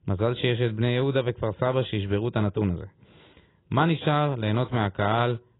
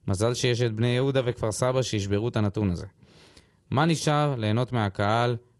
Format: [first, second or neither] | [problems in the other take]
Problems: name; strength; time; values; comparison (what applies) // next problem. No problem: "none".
second | garbled, watery; badly; nothing above 4 kHz; slightly in the second